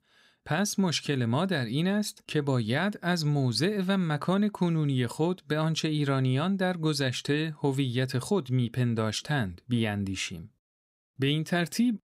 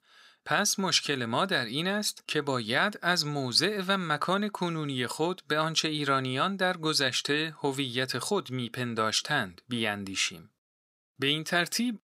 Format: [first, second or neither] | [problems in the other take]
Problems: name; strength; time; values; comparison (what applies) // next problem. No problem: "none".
first | thin; somewhat; fading below 600 Hz